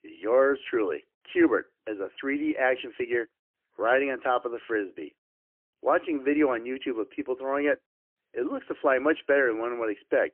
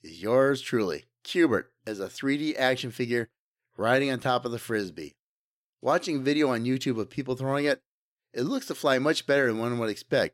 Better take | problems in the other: second | phone-call audio; poor line; nothing above 3 kHz

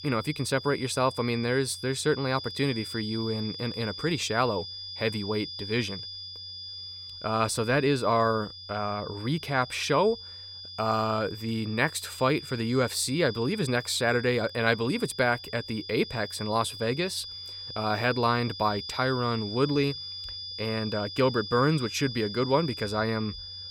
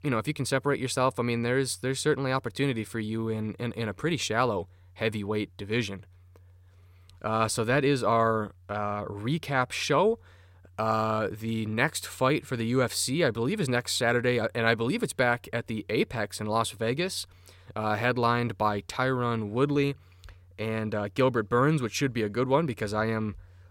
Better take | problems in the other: second | high-pitched whine; loud; throughout; 5 kHz, 10 dB below the speech

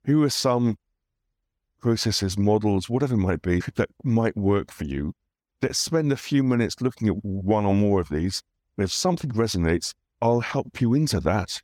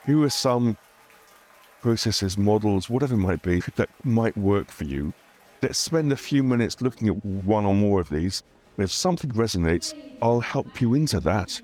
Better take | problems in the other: first | crowd noise; faint; throughout; 25 dB below the speech

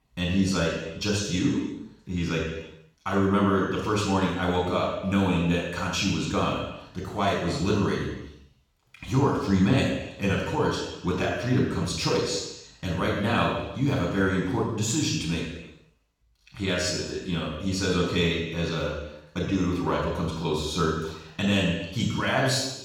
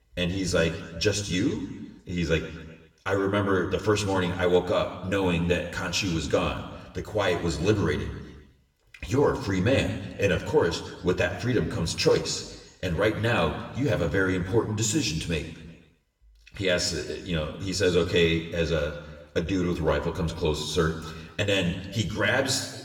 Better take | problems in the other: second | room echo; strong; dies away in 0.9 s; slight in the second // off-mic speech; far; somewhat distant in the second

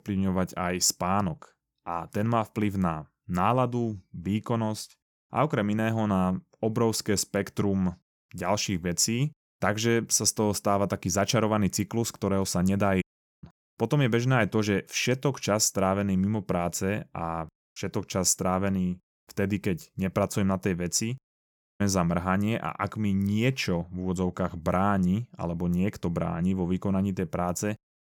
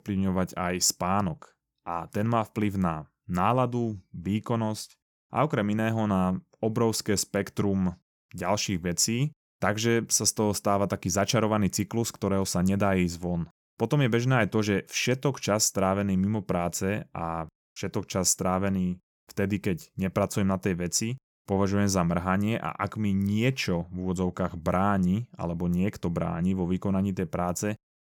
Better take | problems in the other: second | audio cutting out; at 13 s and at 21 s

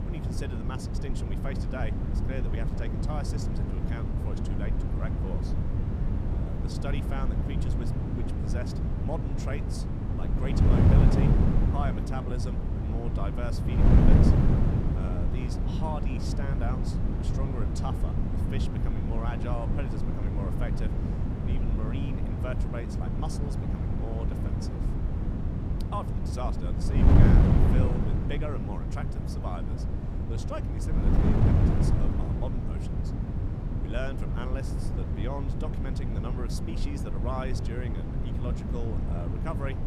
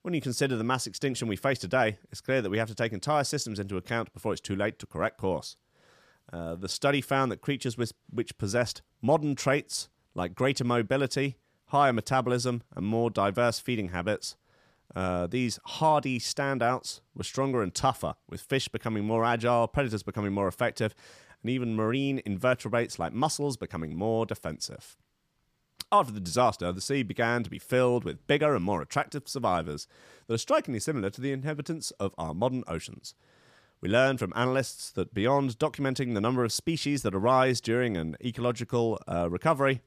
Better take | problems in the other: second | wind noise on the microphone; heavy; 2 dB above the speech

